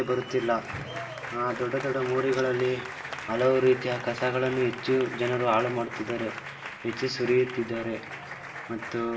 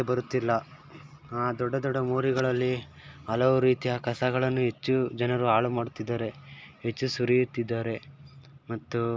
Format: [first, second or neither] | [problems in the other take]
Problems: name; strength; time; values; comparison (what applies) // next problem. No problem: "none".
second | background sound (Applause); 11 dB below the speech // room echo; dies away in 0.8 s